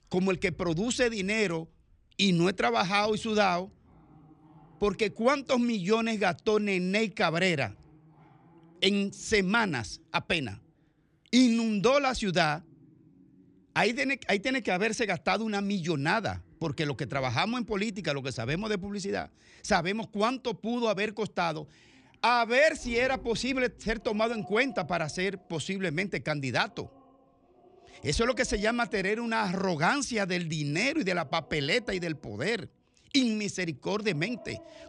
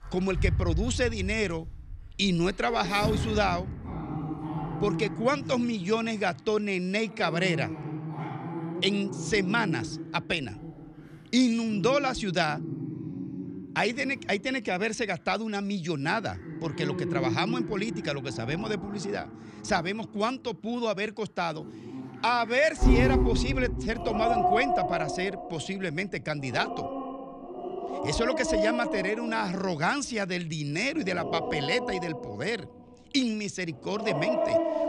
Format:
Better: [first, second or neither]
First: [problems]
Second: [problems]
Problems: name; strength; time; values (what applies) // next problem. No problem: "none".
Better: first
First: animal sounds; faint; throughout; 25 dB below the speech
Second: animal sounds; loud; throughout; 4 dB below the speech